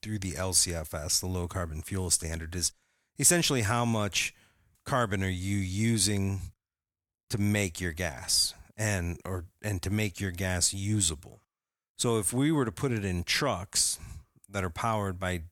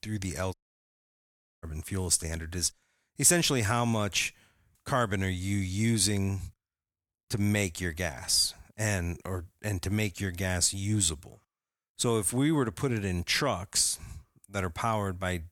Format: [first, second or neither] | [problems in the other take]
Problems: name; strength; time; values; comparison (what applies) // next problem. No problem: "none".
first | audio cutting out; at 0.5 s for 1 s